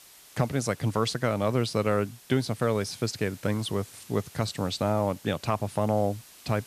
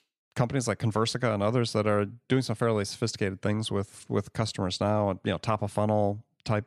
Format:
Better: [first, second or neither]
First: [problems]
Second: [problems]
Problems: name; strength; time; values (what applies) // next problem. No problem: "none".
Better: second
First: hiss; faint; throughout; 20 dB below the speech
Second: none